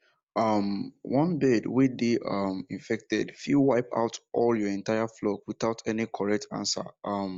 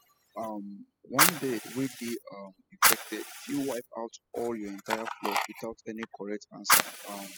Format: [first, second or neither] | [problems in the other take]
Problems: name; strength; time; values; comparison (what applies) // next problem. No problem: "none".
first | noise reduction (classical method spectral subtraction)